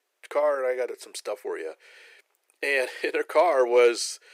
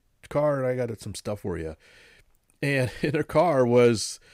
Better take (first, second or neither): second